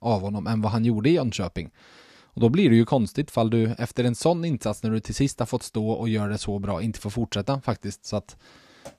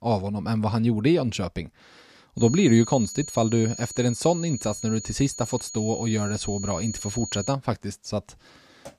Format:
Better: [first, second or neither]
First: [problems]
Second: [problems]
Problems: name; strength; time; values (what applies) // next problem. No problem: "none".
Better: first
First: none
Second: high-pitched whine; loud; from 2.5 to 7.5 s; 7 kHz, 10 dB below the speech